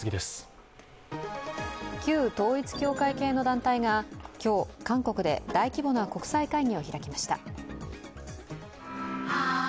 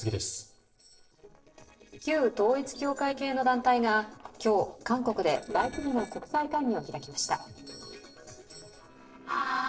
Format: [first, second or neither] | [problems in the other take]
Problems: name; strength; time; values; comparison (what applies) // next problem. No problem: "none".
first | noise reduction (neural separator model SepFormer DNS4)